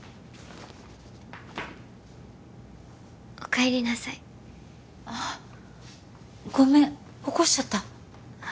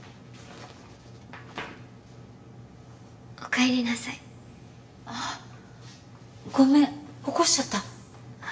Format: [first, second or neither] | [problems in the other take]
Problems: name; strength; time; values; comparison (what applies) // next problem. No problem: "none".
first | room echo; dies away in 0.7 s